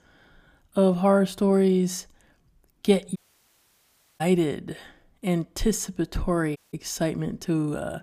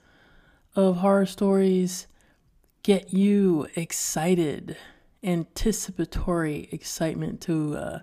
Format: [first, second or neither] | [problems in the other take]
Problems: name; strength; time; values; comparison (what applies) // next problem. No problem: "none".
second | audio cutting out; at 3 s for 1 s and at 6.5 s